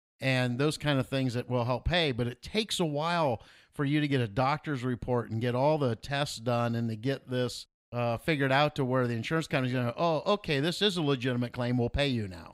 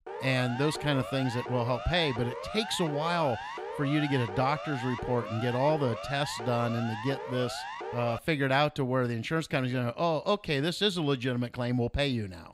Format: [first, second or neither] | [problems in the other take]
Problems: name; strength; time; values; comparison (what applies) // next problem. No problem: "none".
first | siren; noticeable; until 8 s; peak 8 dB below the speech